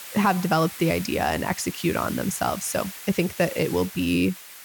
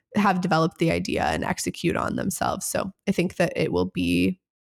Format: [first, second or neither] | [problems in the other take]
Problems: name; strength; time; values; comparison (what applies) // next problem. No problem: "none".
second | hiss; noticeable; throughout; 10 dB below the speech